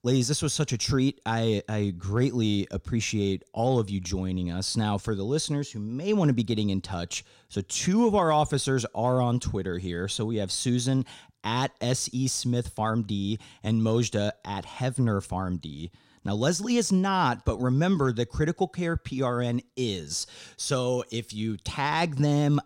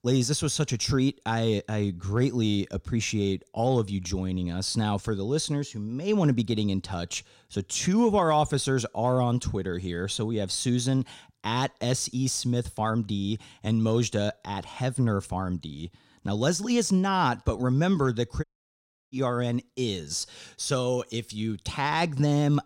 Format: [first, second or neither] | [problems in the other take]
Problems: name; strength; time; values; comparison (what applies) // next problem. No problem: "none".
first | audio cutting out; at 18 s for 0.5 s